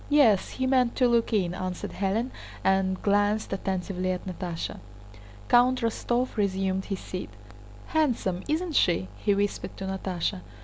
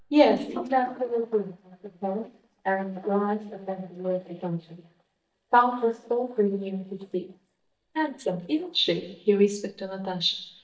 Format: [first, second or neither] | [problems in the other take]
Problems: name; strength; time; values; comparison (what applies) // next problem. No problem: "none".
first | noise reduction (neural mask model DeepFilterNet 3)